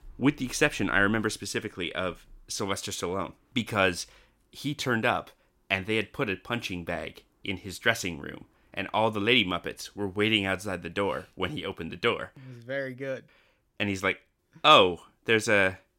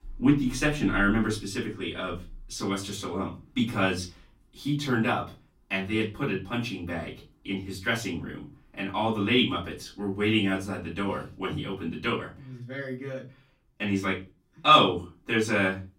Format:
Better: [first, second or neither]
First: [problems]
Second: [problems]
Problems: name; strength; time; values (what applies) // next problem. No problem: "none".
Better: first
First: none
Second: off-mic speech; far // room echo; very slight; dies away in 0.4 s